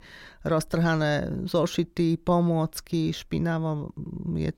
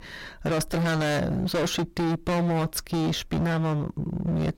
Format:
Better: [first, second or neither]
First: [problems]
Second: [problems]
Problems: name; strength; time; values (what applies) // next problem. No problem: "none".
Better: first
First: none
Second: distortion; heavy; 31% of the sound clipped